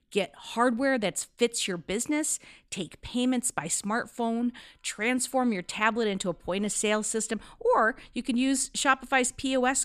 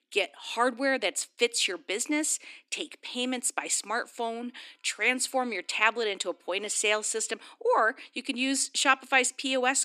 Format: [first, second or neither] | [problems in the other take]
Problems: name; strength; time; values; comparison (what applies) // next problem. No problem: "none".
first | thin; very slightly; fading below 300 Hz